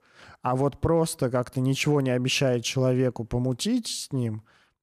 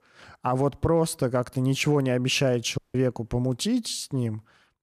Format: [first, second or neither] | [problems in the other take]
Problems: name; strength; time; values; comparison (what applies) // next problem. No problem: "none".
first | audio cutting out; at 3 s